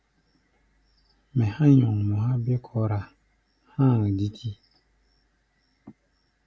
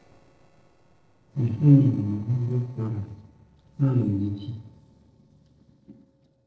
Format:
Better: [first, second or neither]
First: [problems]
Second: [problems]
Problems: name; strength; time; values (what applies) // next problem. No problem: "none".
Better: first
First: none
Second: noise reduction (neural separator model SepFormer DNS4)